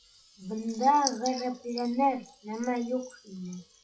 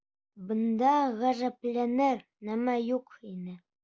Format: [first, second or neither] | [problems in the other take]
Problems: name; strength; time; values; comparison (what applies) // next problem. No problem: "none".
second | noise reduction (classical method WPE with log-MMSE)